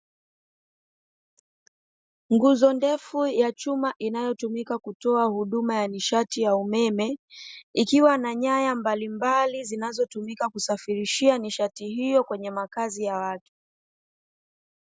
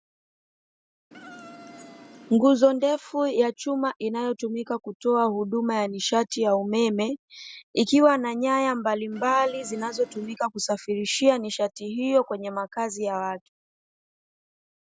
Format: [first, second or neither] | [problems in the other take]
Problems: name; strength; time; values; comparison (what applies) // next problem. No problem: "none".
first | background sound (Insect); 19 dB below the speech